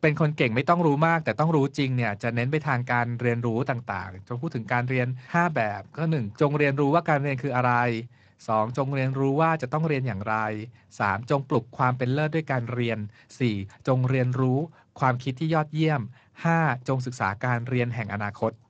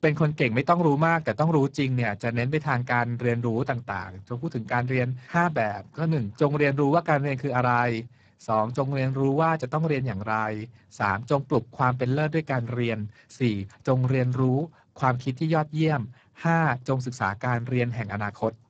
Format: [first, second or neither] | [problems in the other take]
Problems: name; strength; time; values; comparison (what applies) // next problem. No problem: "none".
first | garbled, watery; badly; nothing above 7.5 kHz; slightly in the first